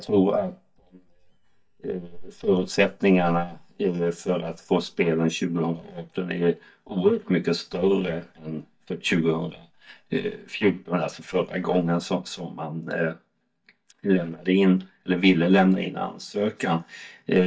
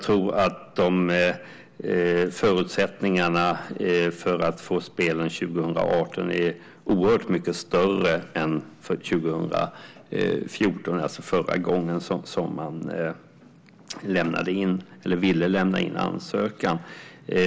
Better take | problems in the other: second | noise reduction (neural mask model DeepFilterNet 3)

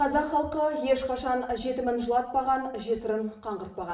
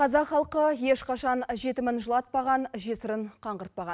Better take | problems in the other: second | room echo; dies away in 0.7 s

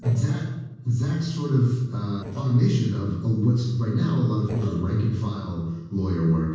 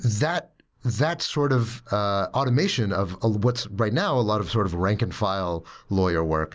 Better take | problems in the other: second | noise reduction (neural separator model SepFormer DNS4)

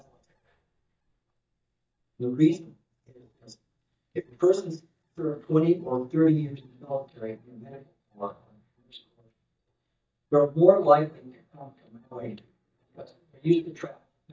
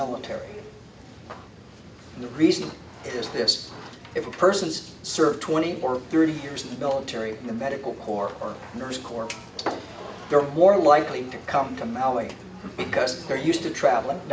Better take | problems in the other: second | noise reduction (neural mask model DeepFilterNet 3)

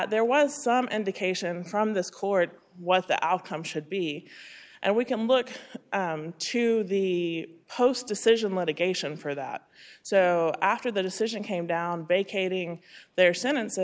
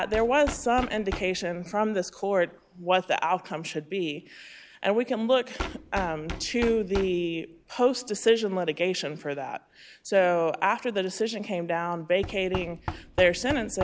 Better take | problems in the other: first | background sound (Knock); 14 dB below the speech

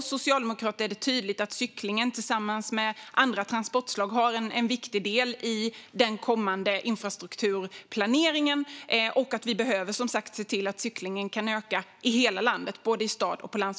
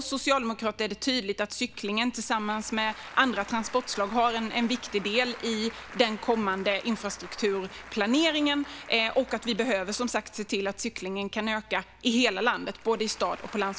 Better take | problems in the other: first | background sound (Applause); 18 dB below the speech

